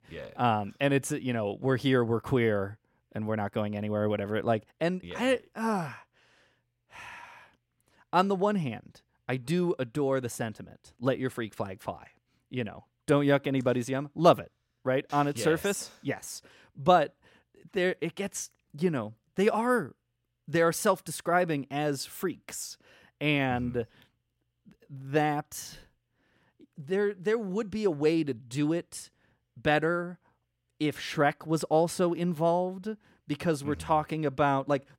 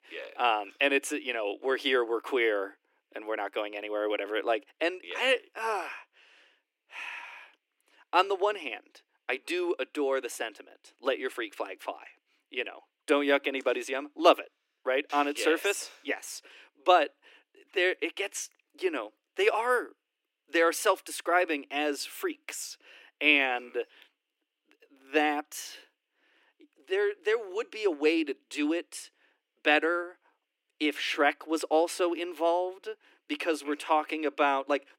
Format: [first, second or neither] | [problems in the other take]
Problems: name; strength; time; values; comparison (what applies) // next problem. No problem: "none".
first | thin; somewhat; fading below 300 Hz